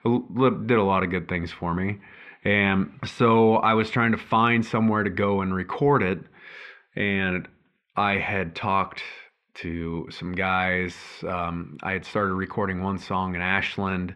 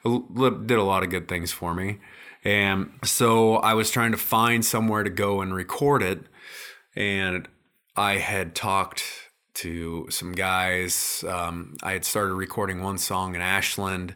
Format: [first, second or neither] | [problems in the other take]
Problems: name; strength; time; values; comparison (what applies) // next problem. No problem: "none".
second | muffled; very; fading above 3 kHz